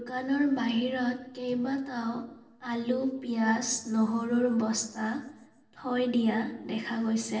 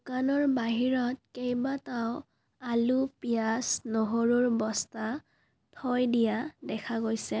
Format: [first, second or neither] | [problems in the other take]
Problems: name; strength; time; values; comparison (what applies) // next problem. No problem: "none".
second | room echo; dies away in 0.8 s